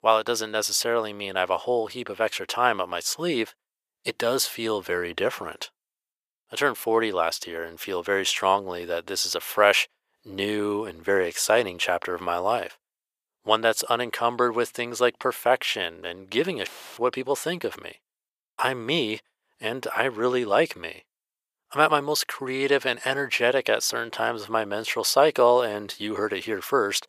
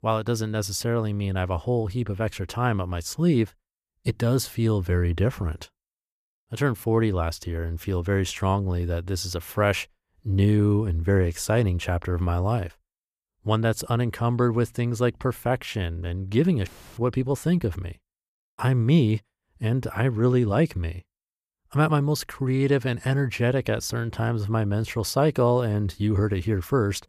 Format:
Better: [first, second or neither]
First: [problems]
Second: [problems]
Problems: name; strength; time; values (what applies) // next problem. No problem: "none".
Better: second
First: thin; very; fading below 600 Hz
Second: none